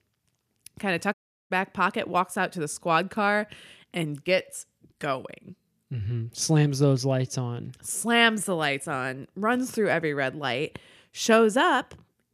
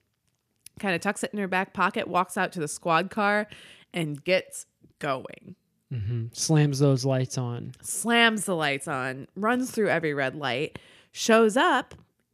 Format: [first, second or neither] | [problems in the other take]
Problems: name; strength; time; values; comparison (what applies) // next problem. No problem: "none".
second | audio cutting out; at 1 s